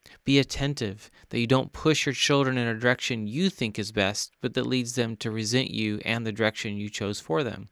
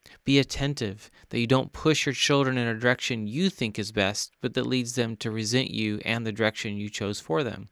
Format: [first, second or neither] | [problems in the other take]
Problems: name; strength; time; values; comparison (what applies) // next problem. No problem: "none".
neither | none